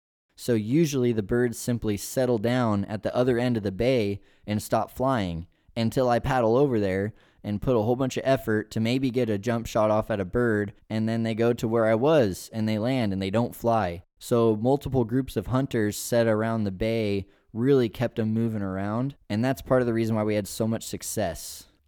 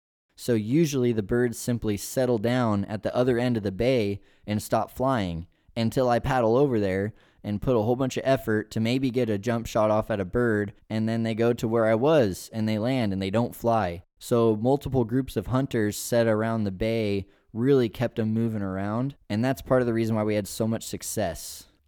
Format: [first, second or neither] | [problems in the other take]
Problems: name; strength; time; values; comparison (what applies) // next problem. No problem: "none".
neither | none